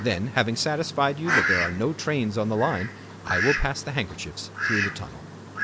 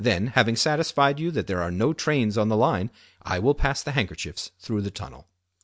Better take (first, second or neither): second